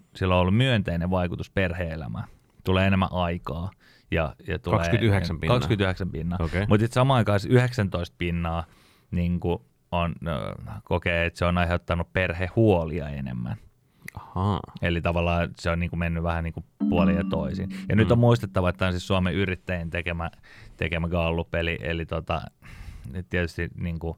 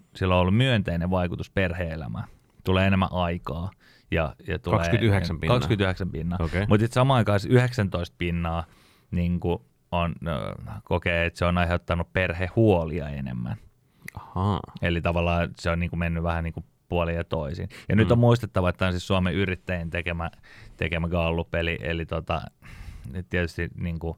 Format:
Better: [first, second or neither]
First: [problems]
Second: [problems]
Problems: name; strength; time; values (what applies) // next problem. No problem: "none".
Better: second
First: phone ringing; loud; from 17 to 18 s; peak 2 dB above the speech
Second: none